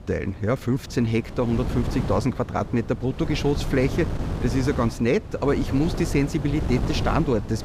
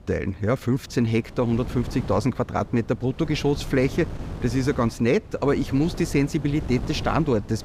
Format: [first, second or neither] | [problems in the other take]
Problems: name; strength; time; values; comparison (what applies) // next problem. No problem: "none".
second | wind noise on the microphone; heavy; 9 dB below the speech; occasional gusts in the second